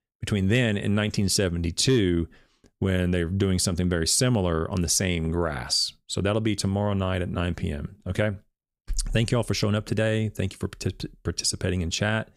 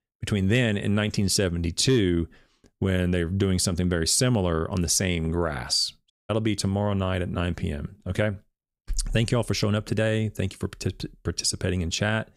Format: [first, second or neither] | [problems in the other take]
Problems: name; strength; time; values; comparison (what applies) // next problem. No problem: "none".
first | audio cutting out; at 6 s